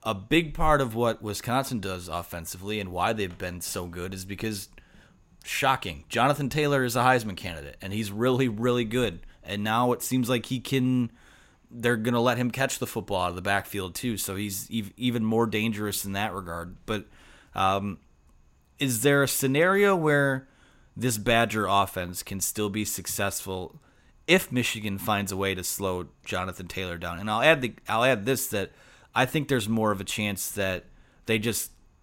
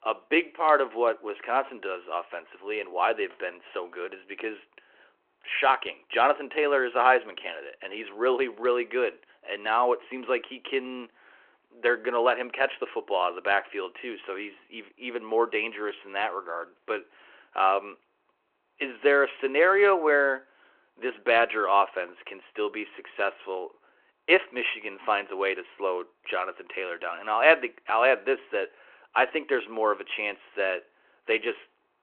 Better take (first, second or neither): first